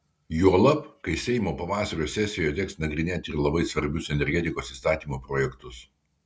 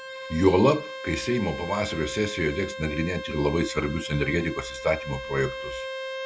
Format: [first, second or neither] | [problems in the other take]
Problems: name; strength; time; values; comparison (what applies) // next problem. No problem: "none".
first | background sound (Bowed string instrument); 10 dB below the speech